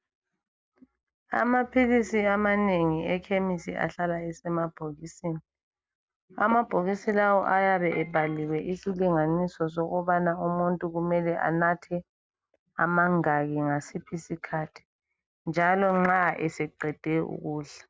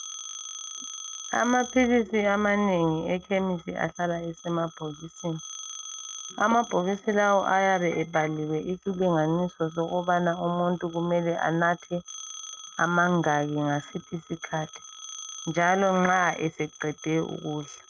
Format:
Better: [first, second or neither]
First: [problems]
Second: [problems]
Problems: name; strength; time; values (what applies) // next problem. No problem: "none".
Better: first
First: none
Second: noise reduction (neural mask model RNNoise)